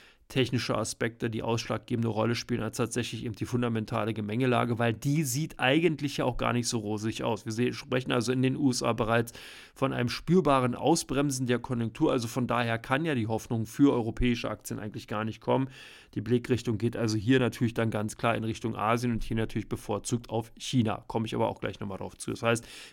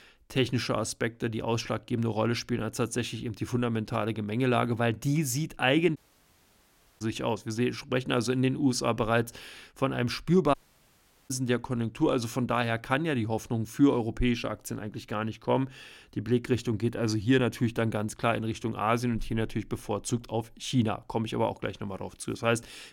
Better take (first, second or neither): first